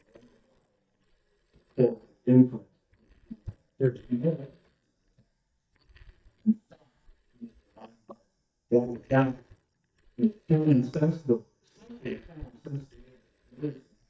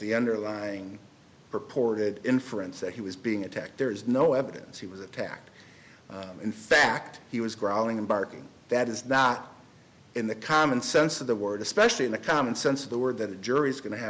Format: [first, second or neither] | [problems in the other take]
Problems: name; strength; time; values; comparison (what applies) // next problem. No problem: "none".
second | noise reduction (neural mask model DeepFilterNet 3)